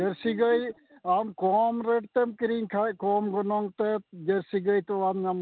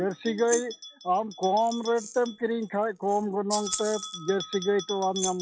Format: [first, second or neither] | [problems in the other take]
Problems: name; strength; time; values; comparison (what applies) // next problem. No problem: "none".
first | noise reduction (classical method log-MMSE)